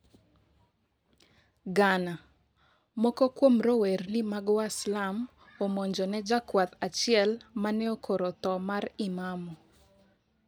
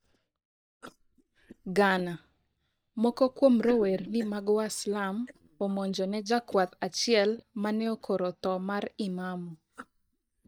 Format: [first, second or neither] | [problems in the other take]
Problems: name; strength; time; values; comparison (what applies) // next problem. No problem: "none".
first | noise reduction (neural mask model DeepFilterNet 3)